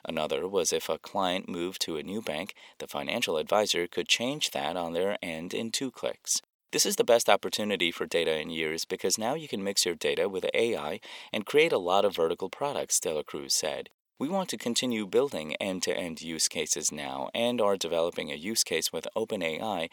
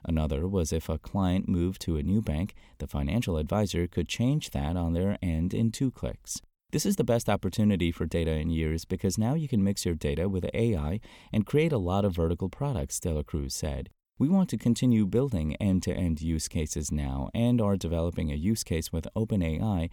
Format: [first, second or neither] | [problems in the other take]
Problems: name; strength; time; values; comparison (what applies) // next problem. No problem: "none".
second | thin; very; fading below 550 Hz